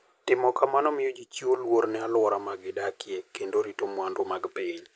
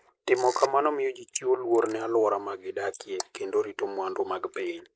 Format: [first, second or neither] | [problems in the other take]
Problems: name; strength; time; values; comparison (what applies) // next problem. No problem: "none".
first | noise reduction (neural mask model Resemble Enhance denoiser)